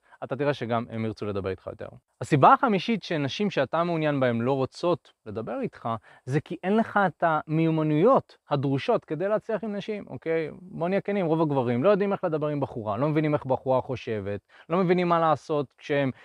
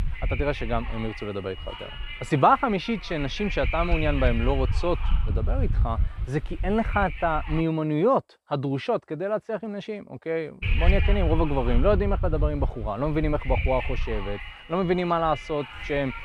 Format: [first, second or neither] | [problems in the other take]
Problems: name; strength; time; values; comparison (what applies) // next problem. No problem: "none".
first | wind noise on the microphone; heavy; until 7.5 s and from 11 s on; 10 dB below the speech